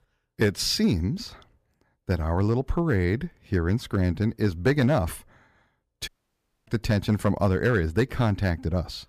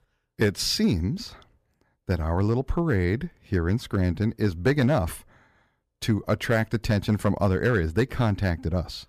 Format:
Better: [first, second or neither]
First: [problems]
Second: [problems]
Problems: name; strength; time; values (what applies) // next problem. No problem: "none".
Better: second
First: audio cutting out; at 6 s for 0.5 s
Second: none